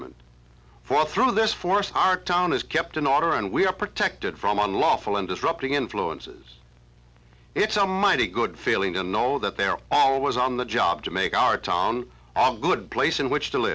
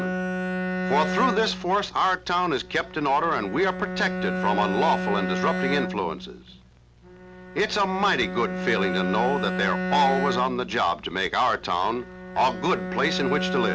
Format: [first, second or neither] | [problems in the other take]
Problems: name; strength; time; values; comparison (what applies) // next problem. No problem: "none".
first | background sound (Bowed string instrument); 4 dB below the speech